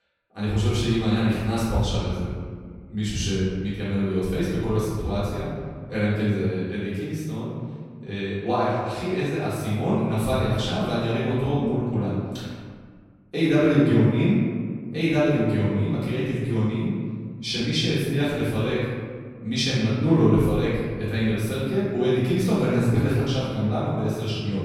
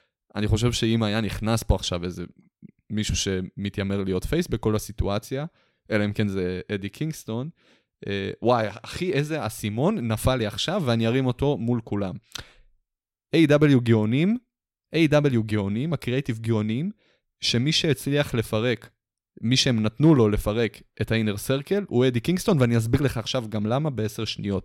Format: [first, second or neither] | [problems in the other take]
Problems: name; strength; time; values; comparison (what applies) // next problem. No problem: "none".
second | room echo; strong; dies away in 1.7 s // off-mic speech; far